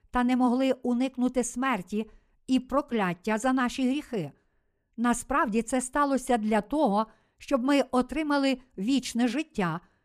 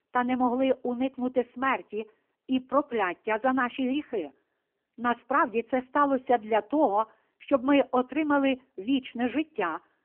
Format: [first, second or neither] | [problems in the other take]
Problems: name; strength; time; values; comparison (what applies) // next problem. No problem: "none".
first | phone-call audio; nothing above 3 kHz